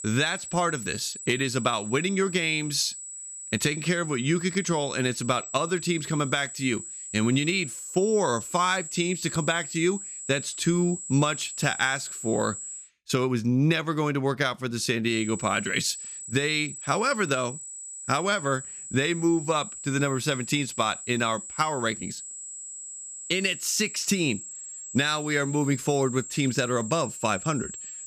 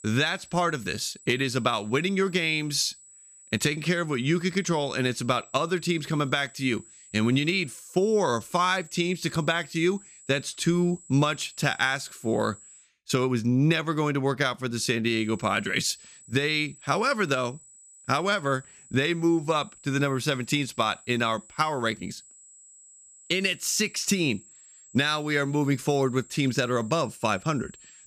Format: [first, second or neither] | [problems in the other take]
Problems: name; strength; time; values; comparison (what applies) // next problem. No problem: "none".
second | high-pitched whine; loud; until 13 s and from 15 s on; 7.5 kHz, 10 dB below the speech; faint in the second